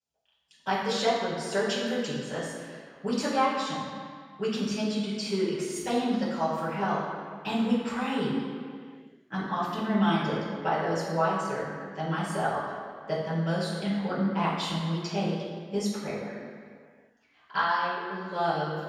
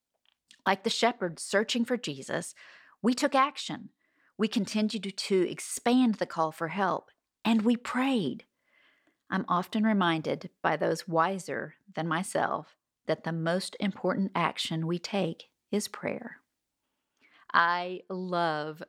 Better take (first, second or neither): second